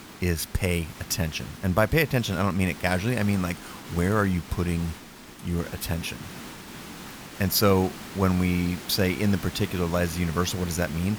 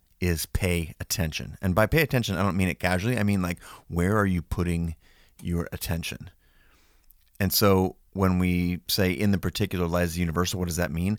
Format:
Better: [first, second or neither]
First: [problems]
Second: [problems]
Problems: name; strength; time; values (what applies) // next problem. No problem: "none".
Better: second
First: hiss; noticeable; throughout; 15 dB below the speech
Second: none